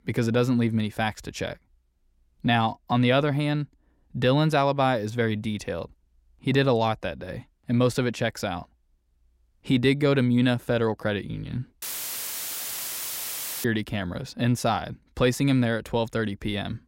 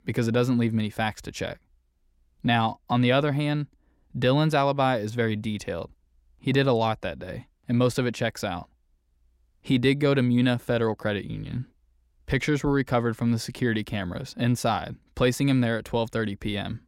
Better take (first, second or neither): second